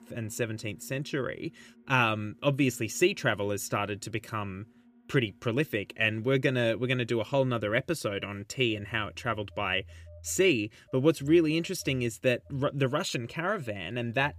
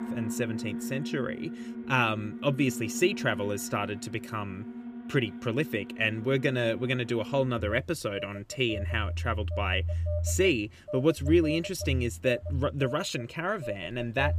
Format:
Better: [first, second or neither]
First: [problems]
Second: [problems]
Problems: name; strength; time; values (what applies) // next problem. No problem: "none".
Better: first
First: alarms or sirens; faint; throughout; 25 dB below the speech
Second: alarms or sirens; loud; throughout; 8 dB below the speech